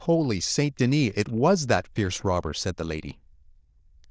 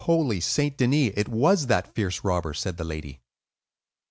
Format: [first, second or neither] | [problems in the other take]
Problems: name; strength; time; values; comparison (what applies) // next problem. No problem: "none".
second | noise reduction (neural diffusion model UNIVERSE++)